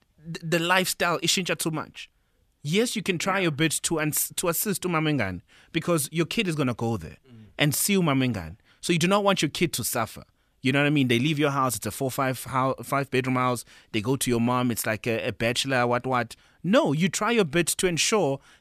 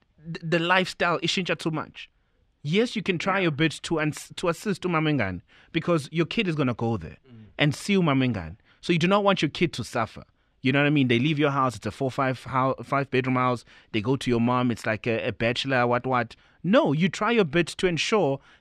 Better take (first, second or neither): first